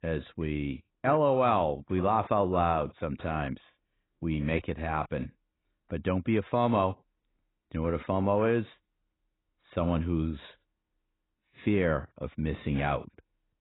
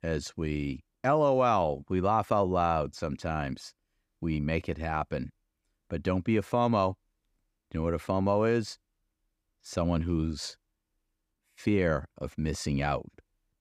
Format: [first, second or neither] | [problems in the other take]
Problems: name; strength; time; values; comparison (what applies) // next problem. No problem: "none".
second | garbled, watery; badly; nothing above 4 kHz